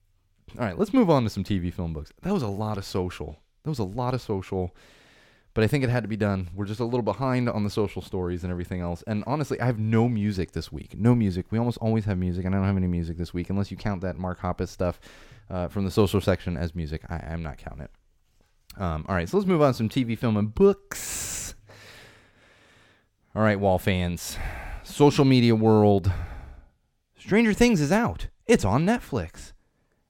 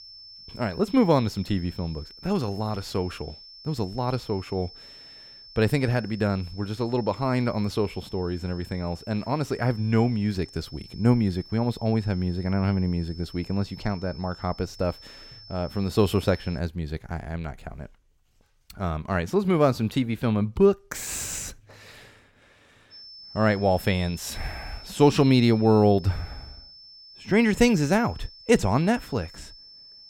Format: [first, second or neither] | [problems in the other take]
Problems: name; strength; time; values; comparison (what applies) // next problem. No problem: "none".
first | high-pitched whine; noticeable; until 17 s and from 23 s on; 5.5 kHz, 20 dB below the speech